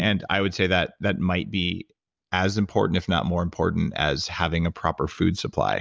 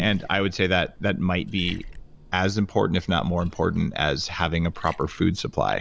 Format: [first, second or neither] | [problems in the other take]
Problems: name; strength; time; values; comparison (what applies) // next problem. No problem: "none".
first | background sound (Liquid); 17 dB below the speech